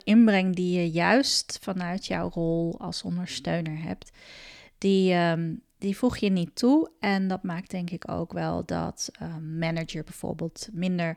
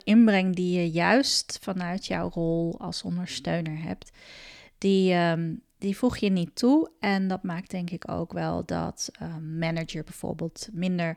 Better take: neither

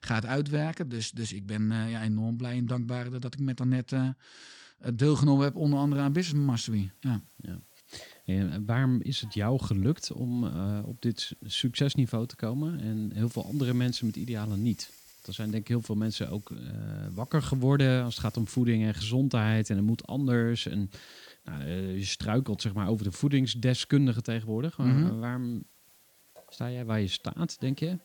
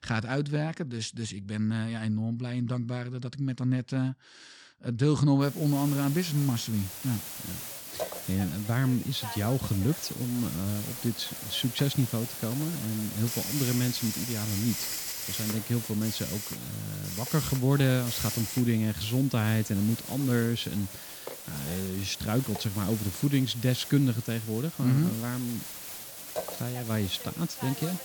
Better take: first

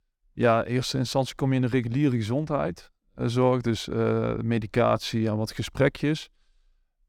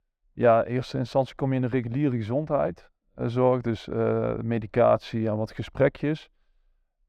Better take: first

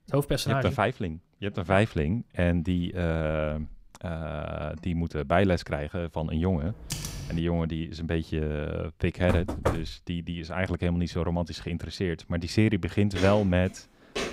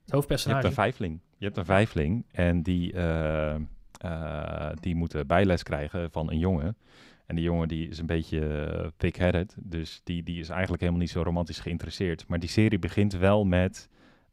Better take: second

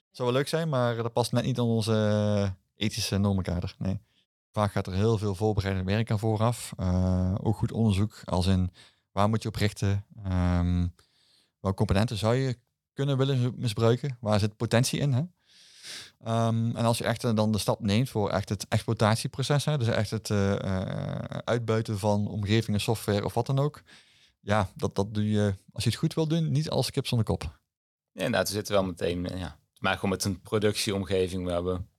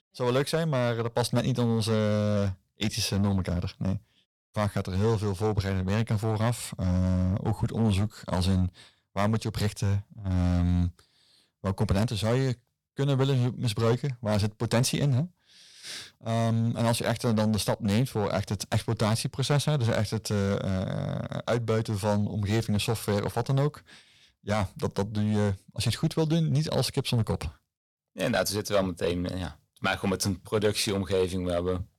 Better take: first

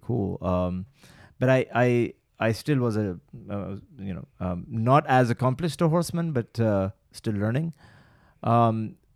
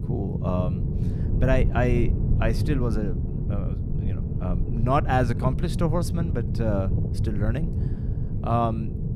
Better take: first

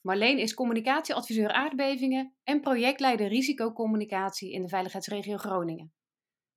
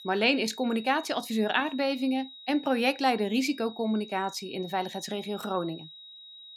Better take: first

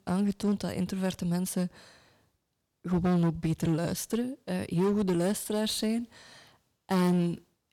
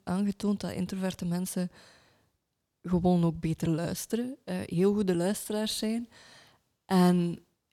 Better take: second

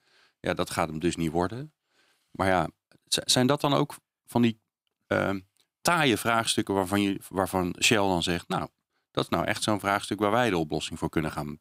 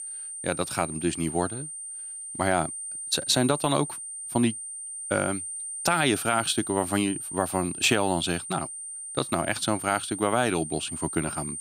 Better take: first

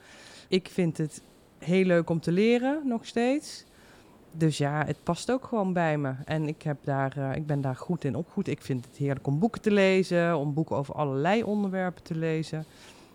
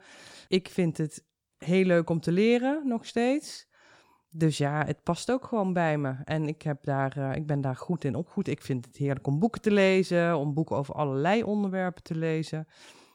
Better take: second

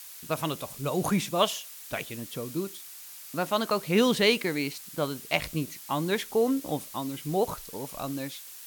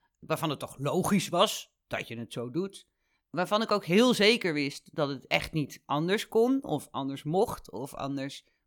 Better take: second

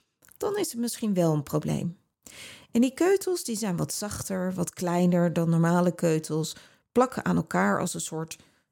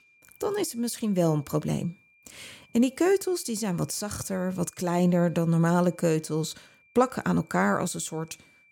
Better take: first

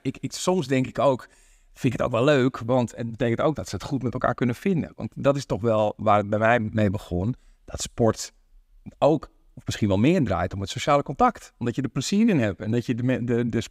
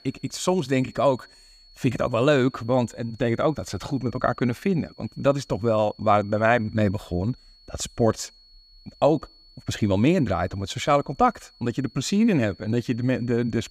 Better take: first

